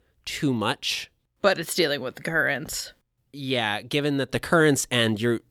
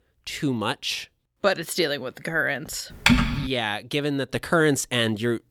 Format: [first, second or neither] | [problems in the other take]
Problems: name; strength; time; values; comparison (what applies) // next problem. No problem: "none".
first | keyboard typing; loud; at 3 s; peak 6 dB above the speech